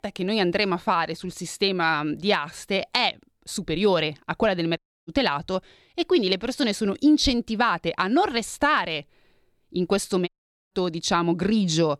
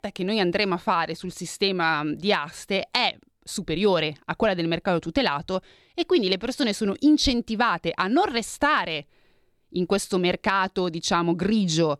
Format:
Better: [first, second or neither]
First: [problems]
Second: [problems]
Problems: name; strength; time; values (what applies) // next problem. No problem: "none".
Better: second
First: audio cutting out; at 5 s and at 10 s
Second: none